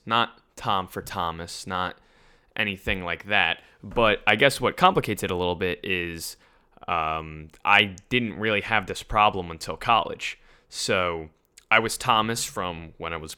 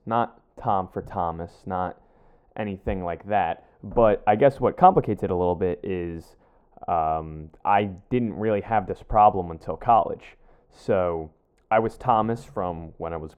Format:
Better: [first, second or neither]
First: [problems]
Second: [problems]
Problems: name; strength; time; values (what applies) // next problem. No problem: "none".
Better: first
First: none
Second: muffled; very; fading above 1.5 kHz